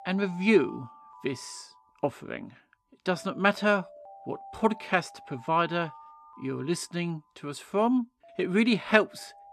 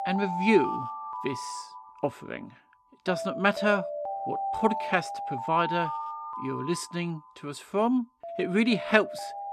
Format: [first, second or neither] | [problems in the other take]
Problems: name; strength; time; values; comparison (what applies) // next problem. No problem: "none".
first | alarms or sirens; loud; throughout; 6 dB below the speech; faint in the first